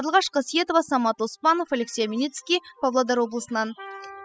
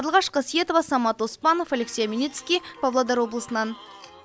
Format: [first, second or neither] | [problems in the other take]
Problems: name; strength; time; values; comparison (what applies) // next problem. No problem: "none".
second | noise reduction (classical method spectral subtraction)